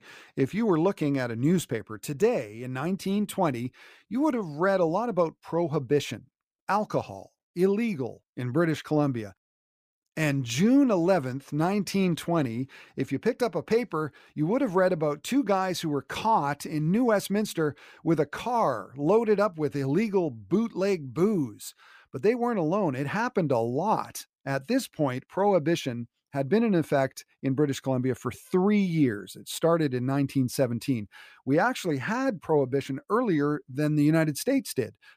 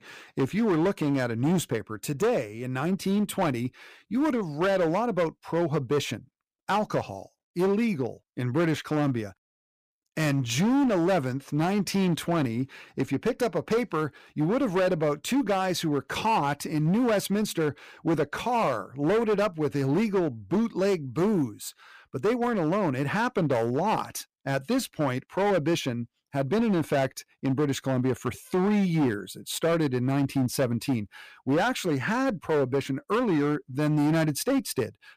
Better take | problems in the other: first | distortion; slight; 12% of the sound clipped

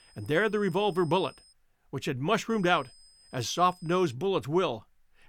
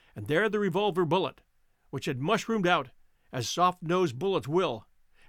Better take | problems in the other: second | high-pitched whine; faint; until 1.5 s and from 2.5 to 4 s; 5 kHz, 25 dB below the speech

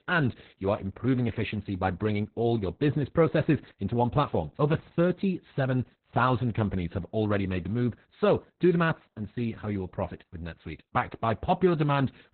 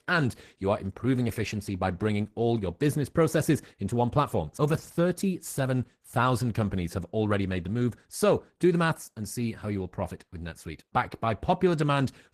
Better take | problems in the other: second | garbled, watery; badly; nothing above 4 kHz; slightly in the second

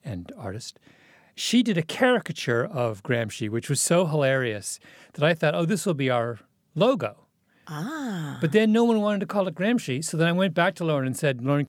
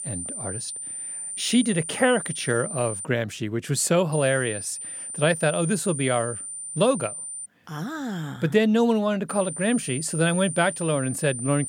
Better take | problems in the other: first | high-pitched whine; loud; until 3 s, from 4 to 7.5 s and from 9.5 s on; 9 kHz, 7 dB below the speech

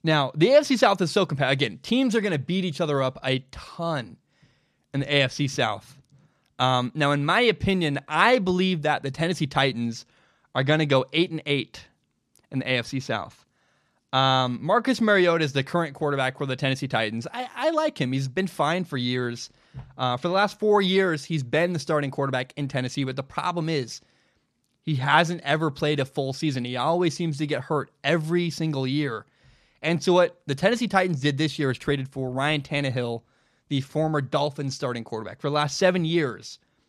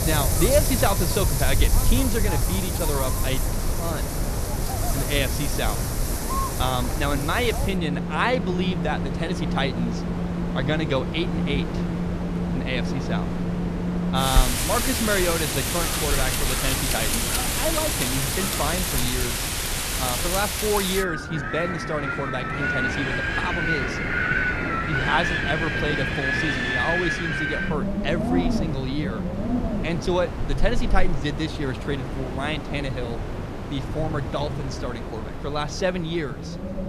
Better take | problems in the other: first | wind in the background; very loud; throughout; 2 dB above the speech

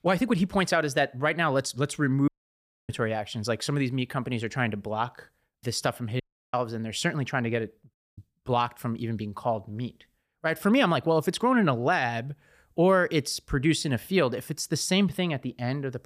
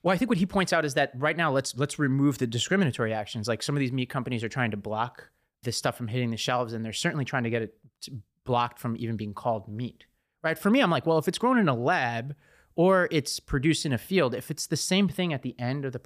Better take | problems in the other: second | audio cutting out; at 2.5 s for 0.5 s, at 6 s and at 8 s

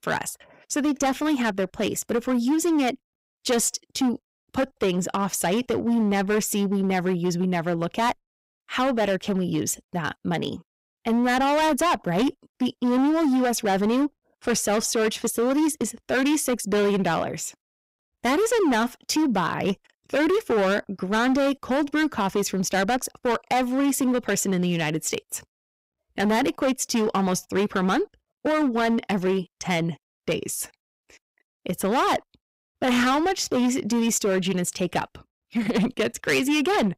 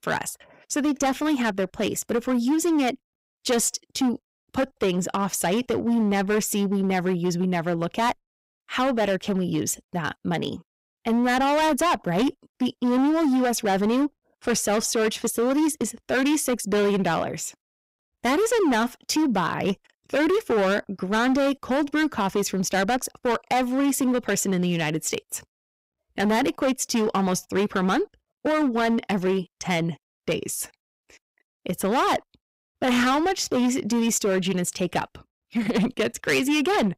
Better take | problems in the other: neither | distortion; heavy; 15% of the sound clipped; the same in both

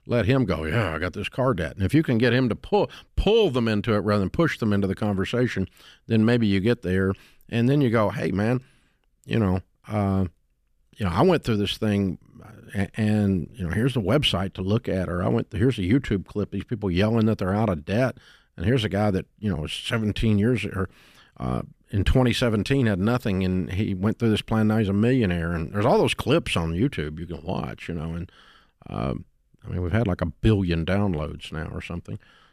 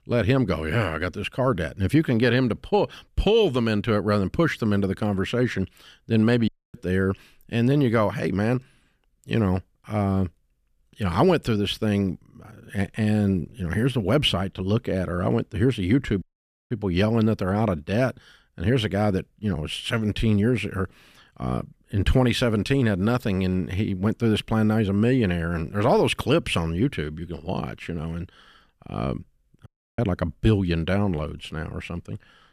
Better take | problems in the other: first | audio cutting out; at 6.5 s, at 16 s and at 30 s

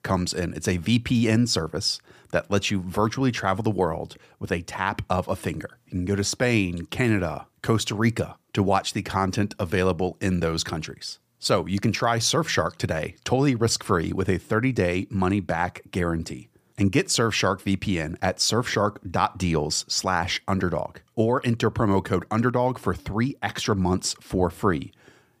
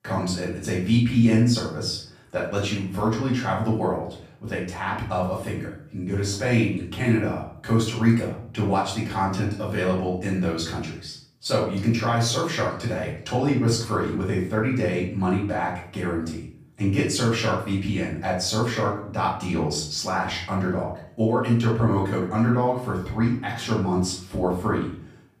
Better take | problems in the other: first | room echo; noticeable; dies away in 0.5 s // off-mic speech; far

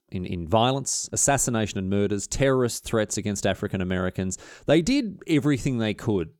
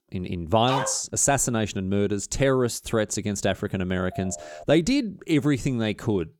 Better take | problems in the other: first | dog barking; noticeable; at 0.5 s; peak 4 dB below the speech // phone ringing; faint; at 4 s; peak 15 dB below the speech

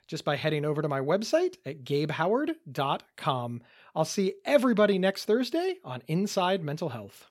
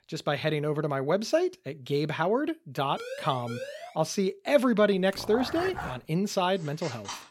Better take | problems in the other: first | siren; faint; at 3 s; peak 10 dB below the speech // dog barking; noticeable; at 5 s; peak 7 dB below the speech // phone ringing; faint; at 6.5 s; peak 10 dB below the speech

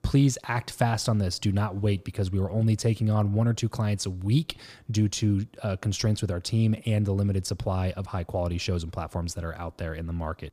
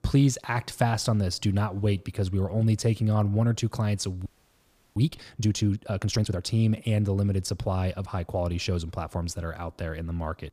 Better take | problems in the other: first | audio freezing; at 4.5 s for 0.5 s

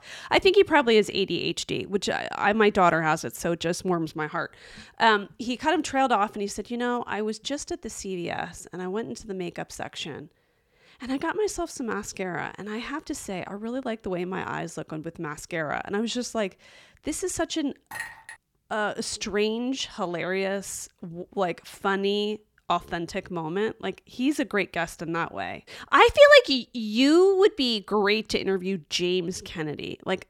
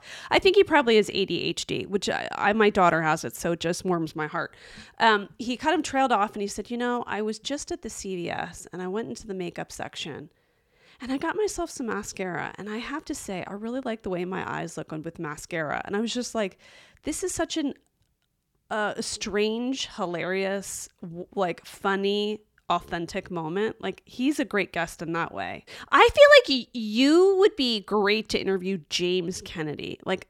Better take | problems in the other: second | clattering dishes; faint; at 18 s; peak 10 dB below the speech

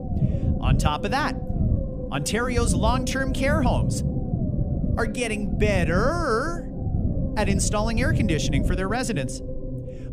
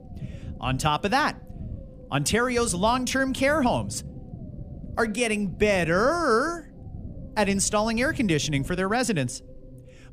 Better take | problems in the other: second | low rumble; loud; throughout; 9 dB below the speech; faint in the second

